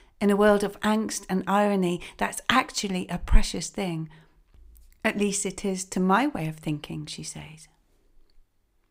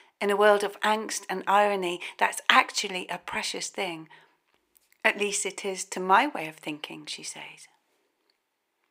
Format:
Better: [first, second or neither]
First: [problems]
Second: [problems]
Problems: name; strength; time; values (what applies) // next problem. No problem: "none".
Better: first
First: none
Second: thin; somewhat; fading below 450 Hz